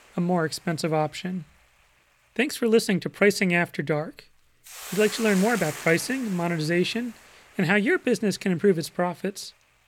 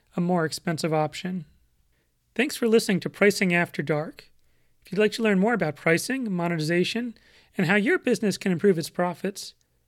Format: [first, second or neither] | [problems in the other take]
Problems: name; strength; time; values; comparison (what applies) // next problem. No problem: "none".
second | hiss; noticeable; throughout; 15 dB below the speech